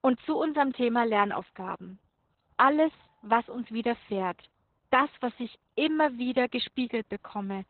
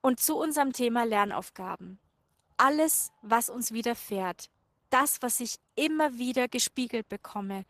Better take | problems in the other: second | garbled, watery; badly; nothing above 4 kHz; slightly in the second

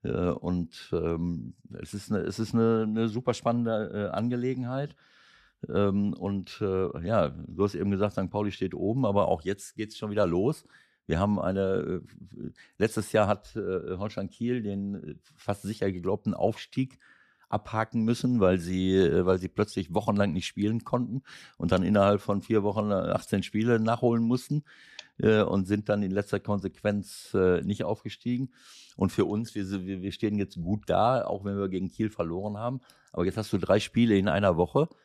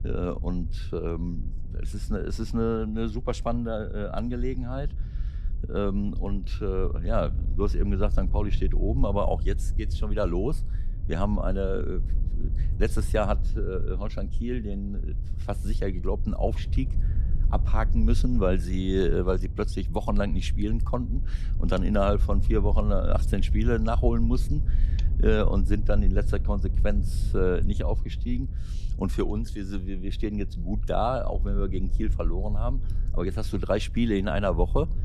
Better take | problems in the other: first | low rumble; noticeable; throughout; 15 dB below the speech

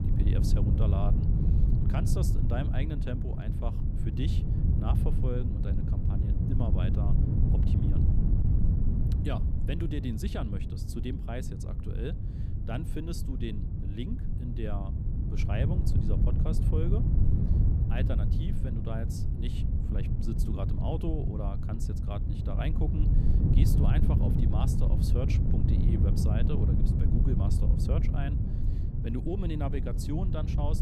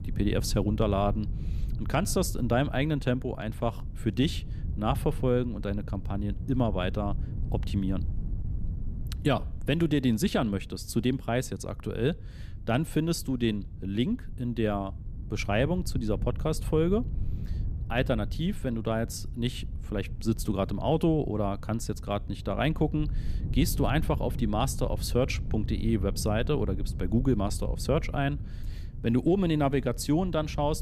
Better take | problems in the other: second | wind noise on the microphone; heavy; as loud as the speech; occasional gusts in the second

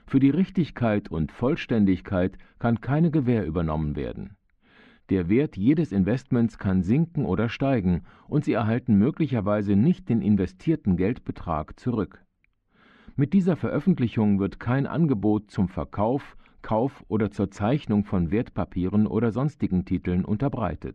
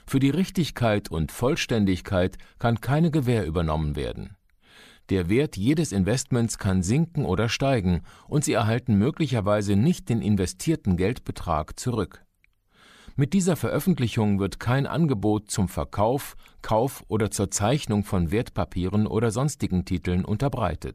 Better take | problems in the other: second | muffled; very; fading above 2 kHz

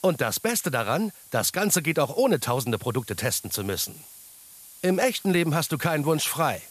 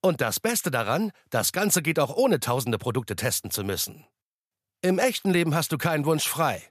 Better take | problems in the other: second | hiss; noticeable; throughout; 20 dB below the speech

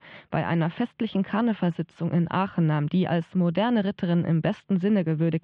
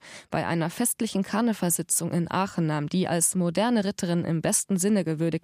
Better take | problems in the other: second | muffled; very; fading above 3.5 kHz

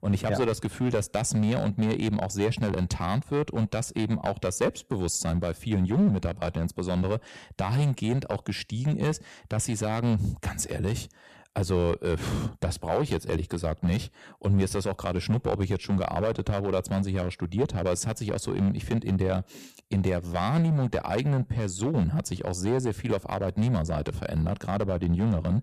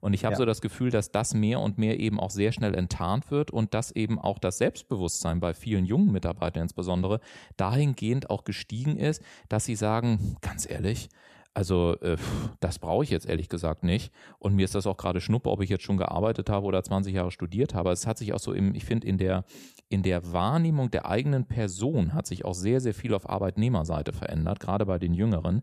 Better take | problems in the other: second | distortion; slight; 5% of the sound clipped

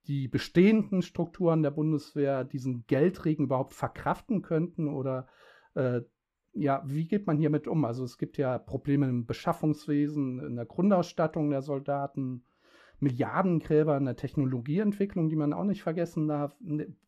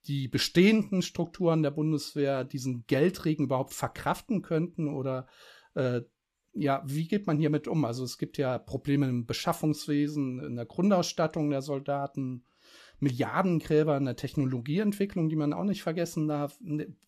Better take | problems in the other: second | muffled; slightly; fading above 2.5 kHz

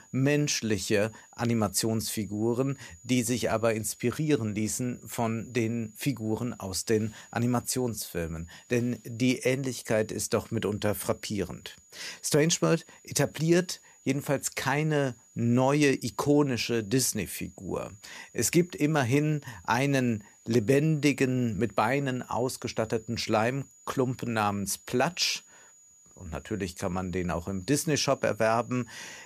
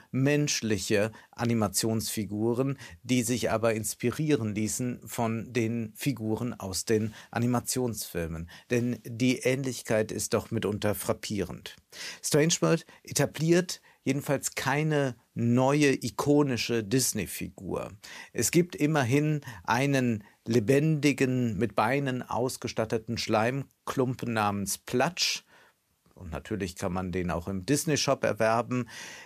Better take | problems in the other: second | high-pitched whine; faint; throughout; 7 kHz, 25 dB below the speech

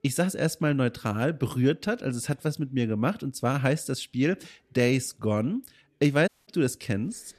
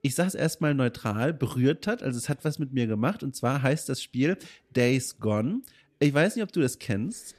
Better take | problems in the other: second | audio cutting out; at 6.5 s

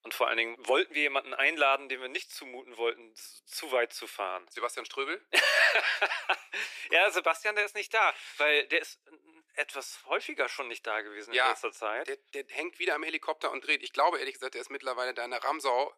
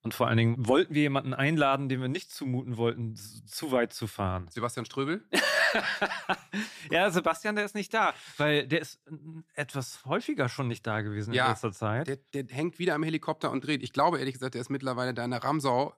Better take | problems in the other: second | thin; very; fading below 400 Hz

